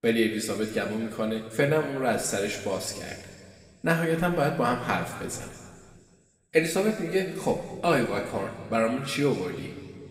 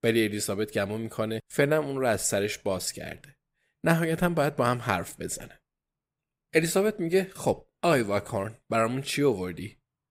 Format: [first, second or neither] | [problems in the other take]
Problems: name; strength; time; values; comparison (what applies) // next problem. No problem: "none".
second | room echo; slight; dies away in 2 s // off-mic speech; somewhat distant